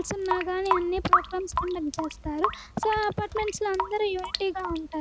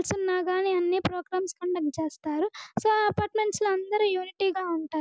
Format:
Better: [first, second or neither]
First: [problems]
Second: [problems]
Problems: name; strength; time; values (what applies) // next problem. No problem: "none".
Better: second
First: background sound (Drip / Sink (filling or washing) / Water tap, faucet); 2 dB below the speech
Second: none